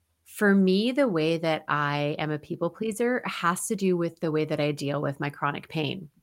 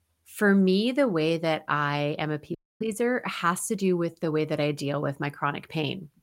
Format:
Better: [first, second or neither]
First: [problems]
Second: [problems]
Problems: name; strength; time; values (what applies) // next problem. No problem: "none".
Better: first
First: none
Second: audio cutting out; at 2.5 s